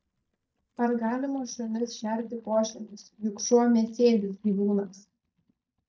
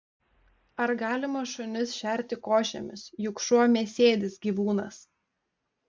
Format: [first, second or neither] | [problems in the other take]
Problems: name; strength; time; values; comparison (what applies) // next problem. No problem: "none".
second | noise reduction (neural mask model DeepFilterNet 3)